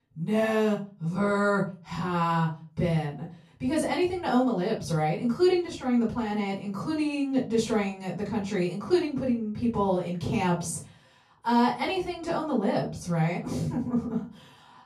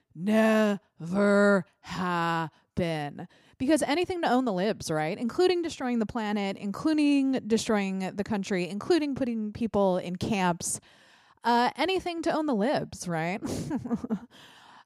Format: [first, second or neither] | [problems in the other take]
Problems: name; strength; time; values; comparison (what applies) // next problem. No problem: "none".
second | room echo; slight; dies away in 0.3 s // off-mic speech; far